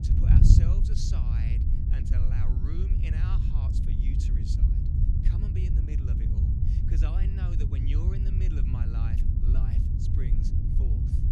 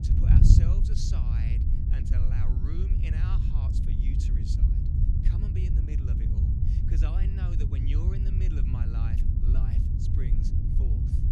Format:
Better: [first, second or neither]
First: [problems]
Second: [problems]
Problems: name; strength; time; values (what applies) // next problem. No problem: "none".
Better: neither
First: wind noise on the microphone; heavy; 4 dB above the speech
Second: wind noise on the microphone; heavy; 4 dB above the speech